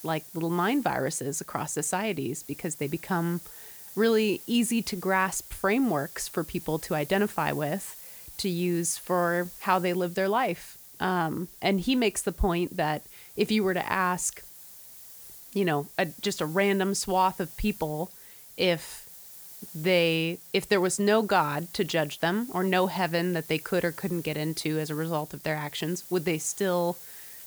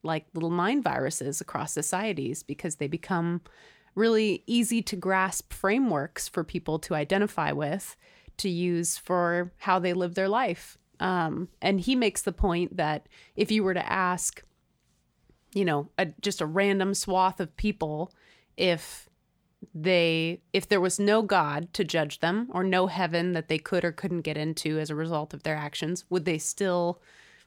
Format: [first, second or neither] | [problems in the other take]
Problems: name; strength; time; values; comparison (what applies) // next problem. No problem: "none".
second | hiss; noticeable; throughout; 15 dB below the speech